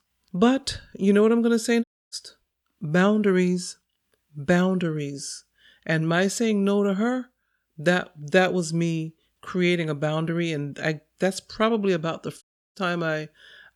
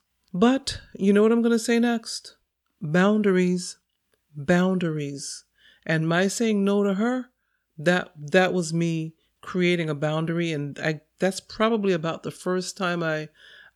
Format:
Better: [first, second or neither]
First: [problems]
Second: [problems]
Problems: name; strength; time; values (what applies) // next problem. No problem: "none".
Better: second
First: audio cutting out; at 2 s and at 12 s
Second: none